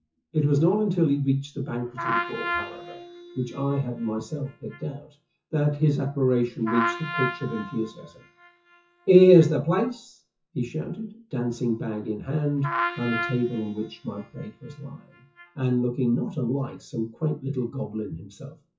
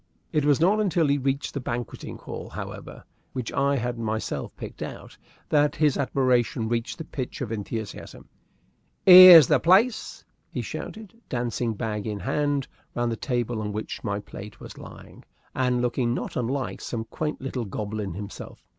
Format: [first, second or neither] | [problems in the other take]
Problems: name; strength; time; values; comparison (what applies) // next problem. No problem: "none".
second | noise reduction (classical method WPE with log-MMSE)